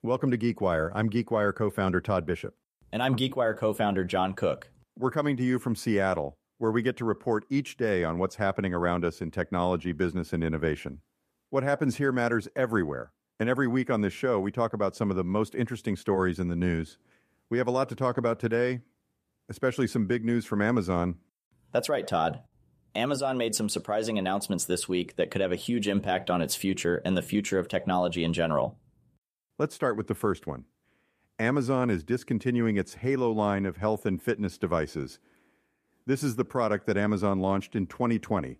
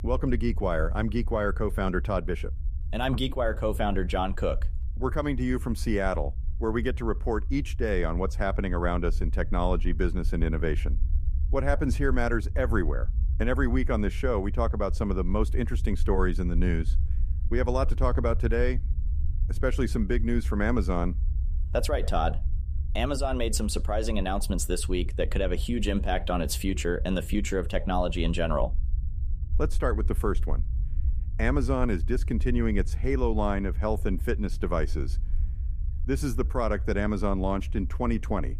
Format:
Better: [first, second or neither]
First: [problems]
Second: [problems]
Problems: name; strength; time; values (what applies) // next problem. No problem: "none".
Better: first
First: none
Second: low rumble; faint; throughout; 20 dB below the speech